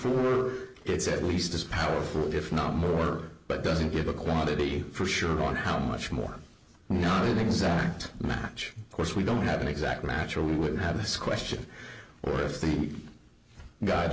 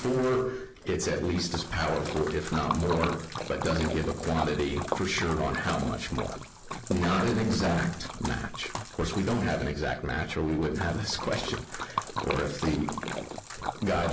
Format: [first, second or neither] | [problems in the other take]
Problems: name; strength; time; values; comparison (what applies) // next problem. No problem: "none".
first | background sound (Splash, splatter); 8 dB below the speech